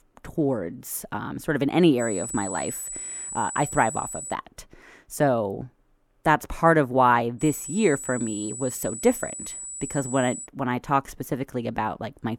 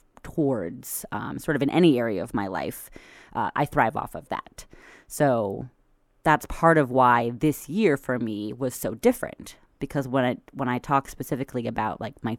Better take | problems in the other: second | high-pitched whine; loud; from 2 to 4.5 s and from 7.5 to 10 s; 8 kHz, 8 dB below the speech

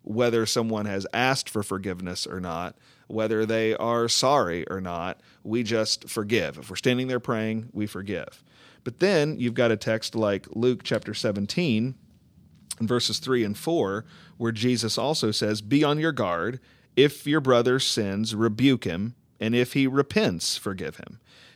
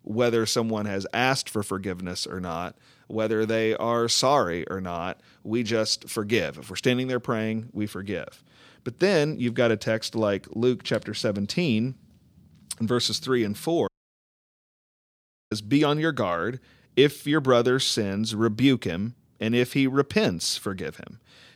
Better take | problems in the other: first | audio cutting out; at 14 s for 1.5 s

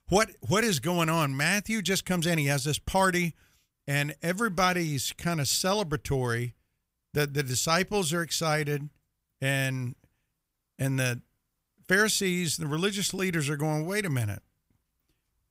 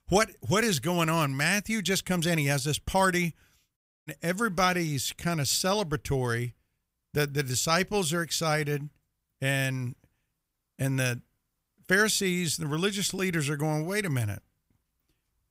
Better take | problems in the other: first | audio cutting out; at 4 s

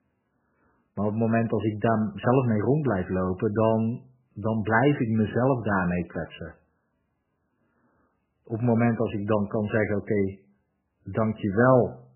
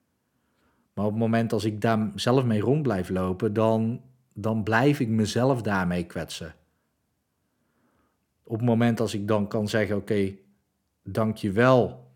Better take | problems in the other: second | garbled, watery; badly; nothing above 3 kHz

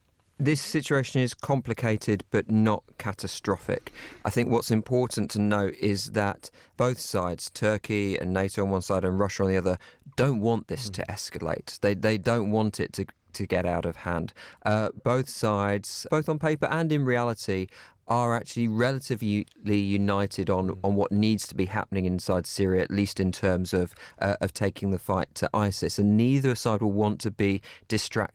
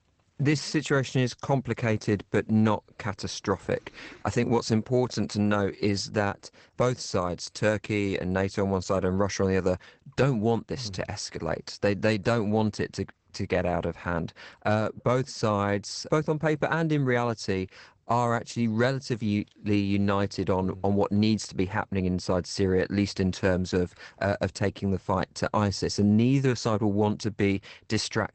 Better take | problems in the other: first | garbled, watery; badly; nothing above 8 kHz; slightly in the first

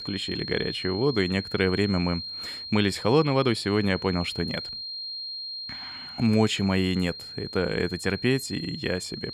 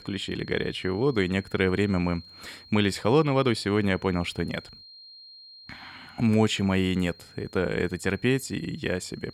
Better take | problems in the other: second | high-pitched whine; loud; throughout; 4 kHz, 9 dB below the speech; faint in the second

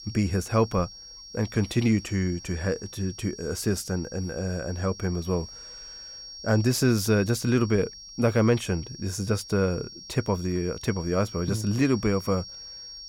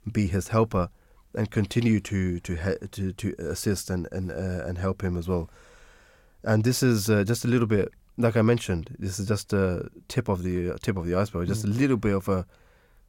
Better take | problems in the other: second | high-pitched whine; noticeable; throughout; 5.5 kHz, 15 dB below the speech

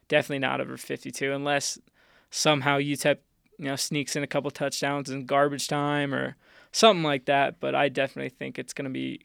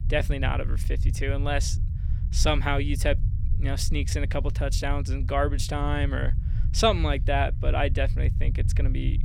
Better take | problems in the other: first | low rumble; noticeable; throughout; 15 dB below the speech

